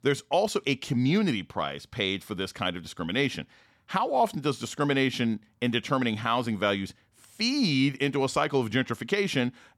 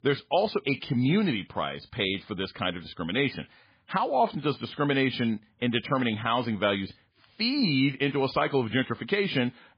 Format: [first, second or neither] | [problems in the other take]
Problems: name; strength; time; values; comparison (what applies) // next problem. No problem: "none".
first | garbled, watery; badly; nothing above 4.5 kHz